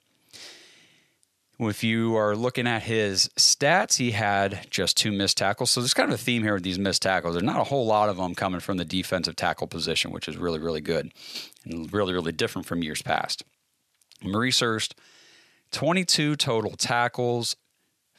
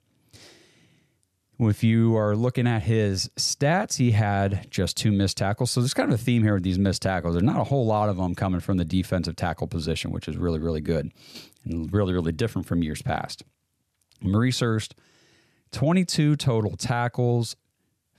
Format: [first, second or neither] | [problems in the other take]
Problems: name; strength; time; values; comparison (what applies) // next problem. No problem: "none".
second | thin; somewhat; fading below 1 kHz